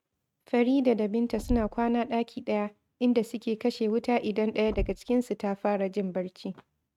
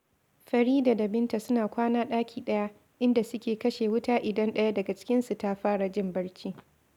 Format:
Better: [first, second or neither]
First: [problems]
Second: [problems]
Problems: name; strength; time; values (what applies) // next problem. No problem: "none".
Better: second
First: noise reduction (neural mask model RNNoise)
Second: none